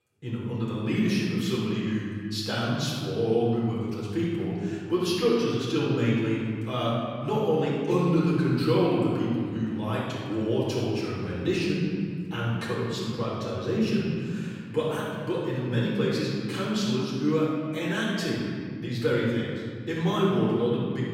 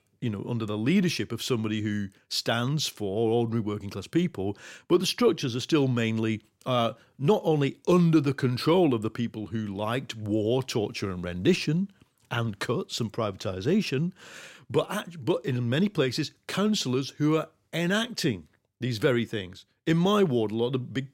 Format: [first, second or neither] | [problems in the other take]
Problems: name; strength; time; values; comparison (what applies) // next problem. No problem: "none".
second | room echo; strong; dies away in 2.2 s // off-mic speech; far